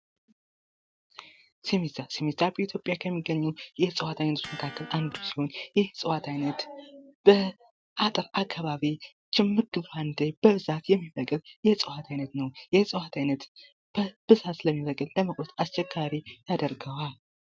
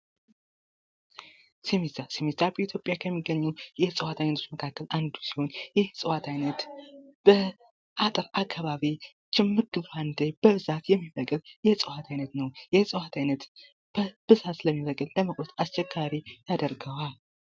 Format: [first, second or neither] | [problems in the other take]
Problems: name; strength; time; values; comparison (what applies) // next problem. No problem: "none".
second | background sound (Electric guitar); 18 dB below the speech